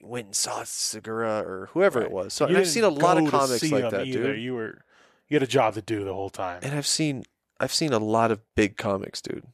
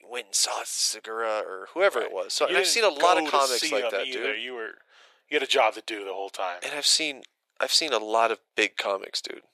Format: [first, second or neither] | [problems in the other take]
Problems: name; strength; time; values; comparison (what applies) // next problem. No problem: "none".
first | thin; very; fading below 450 Hz